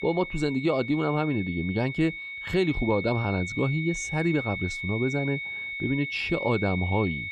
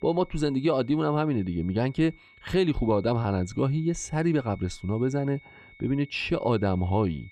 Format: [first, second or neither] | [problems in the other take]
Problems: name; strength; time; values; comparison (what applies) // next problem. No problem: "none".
second | high-pitched whine; loud; throughout; 2 kHz, 6 dB below the speech; faint in the second